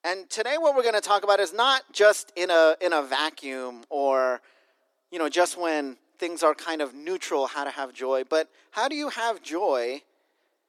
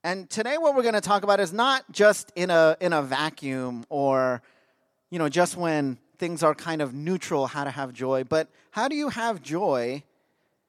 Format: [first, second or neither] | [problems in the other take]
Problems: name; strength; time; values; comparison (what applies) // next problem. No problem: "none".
second | thin; somewhat; fading below 300 Hz